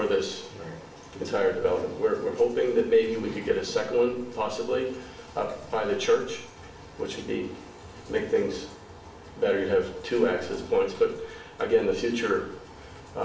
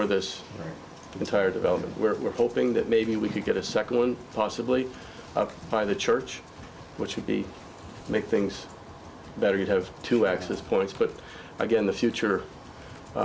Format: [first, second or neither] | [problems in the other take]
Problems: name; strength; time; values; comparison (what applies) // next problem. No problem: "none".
second | room echo; dies away in 0.6 s